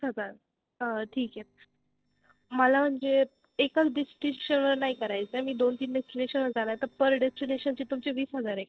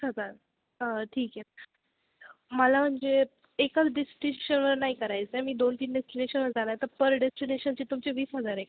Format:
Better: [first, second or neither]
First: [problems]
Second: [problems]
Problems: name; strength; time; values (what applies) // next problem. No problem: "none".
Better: second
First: noise reduction (neural separator model SepFormer DNS4)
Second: none